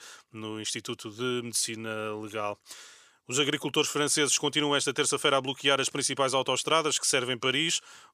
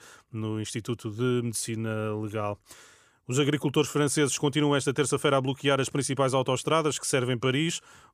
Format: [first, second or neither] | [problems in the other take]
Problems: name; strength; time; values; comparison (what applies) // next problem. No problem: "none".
second | thin; very slightly; fading below 450 Hz